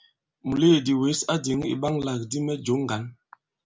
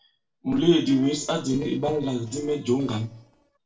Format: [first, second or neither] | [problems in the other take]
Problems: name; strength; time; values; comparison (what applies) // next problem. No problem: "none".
first | noise reduction (neural separator model SepFormer DNS4)